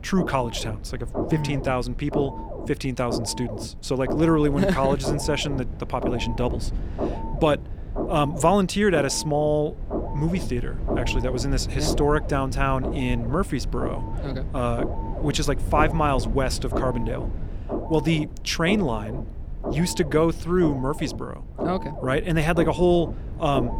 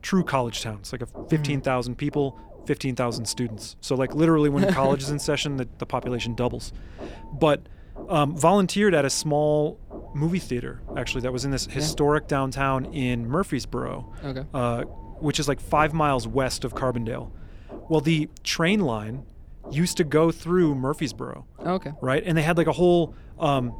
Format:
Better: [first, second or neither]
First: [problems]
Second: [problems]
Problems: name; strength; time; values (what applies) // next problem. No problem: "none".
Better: second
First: low rumble; loud; throughout; 9 dB below the speech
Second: low rumble; faint; throughout; 20 dB below the speech